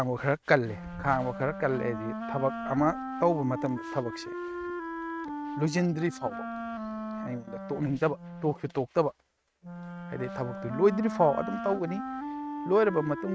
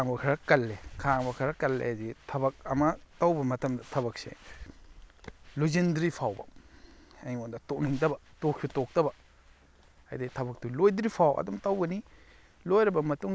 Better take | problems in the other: second | noise reduction (neural mask model RNNoise)

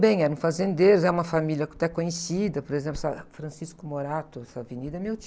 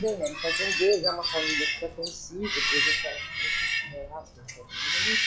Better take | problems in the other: first | noise reduction (classical method log-MMSE)

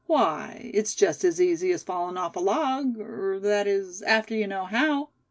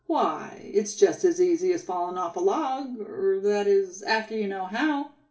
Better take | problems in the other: first | room echo; dies away in 0.3 s

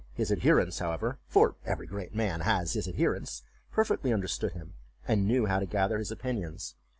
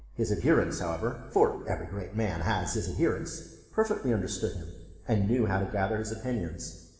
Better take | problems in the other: first | room echo; dies away in 1.2 s

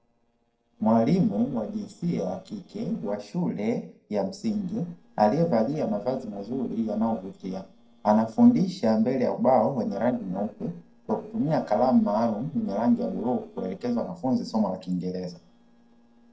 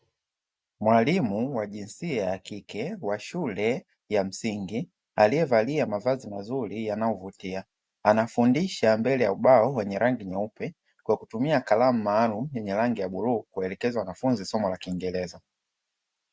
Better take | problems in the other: second | noise reduction (neural separator model SepFormer DNS4)

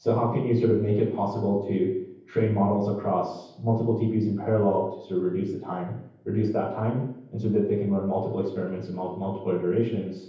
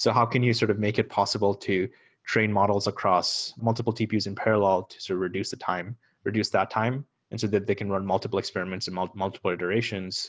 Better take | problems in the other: second | room echo; dies away in 0.9 s

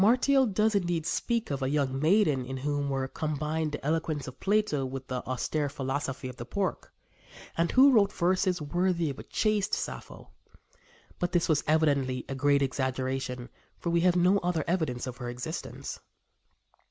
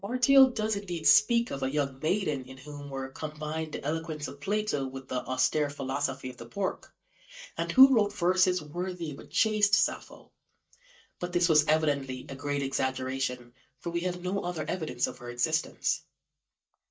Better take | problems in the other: first | noise reduction (neural mask model DeepFilterNet 3)

